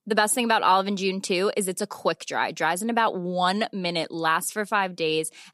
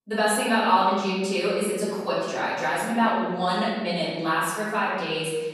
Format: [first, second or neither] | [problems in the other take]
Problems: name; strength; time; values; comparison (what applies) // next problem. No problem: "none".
first | room echo; strong; dies away in 1.3 s // off-mic speech; far